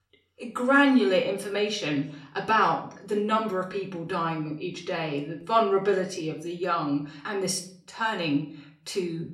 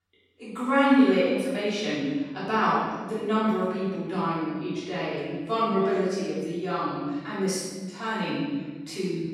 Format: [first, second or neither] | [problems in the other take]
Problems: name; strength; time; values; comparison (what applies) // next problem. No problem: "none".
first | room echo; strong; dies away in 1.3 s; slight in the first // off-mic speech; far; somewhat distant in the first